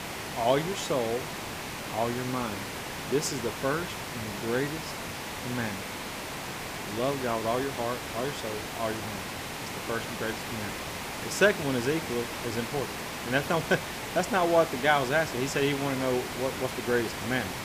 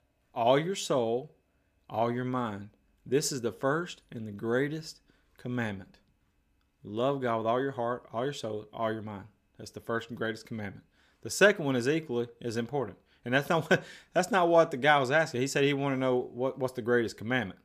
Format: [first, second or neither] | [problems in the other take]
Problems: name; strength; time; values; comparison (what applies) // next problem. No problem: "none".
second | hiss; loud; throughout; 5 dB below the speech